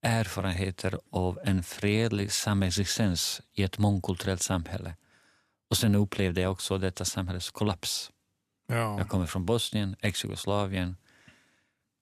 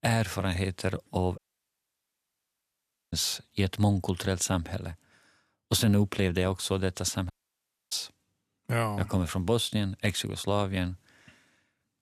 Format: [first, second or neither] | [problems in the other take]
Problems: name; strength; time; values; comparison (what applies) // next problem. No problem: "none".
first | audio cutting out; at 1.5 s for 1.5 s and at 7.5 s for 0.5 s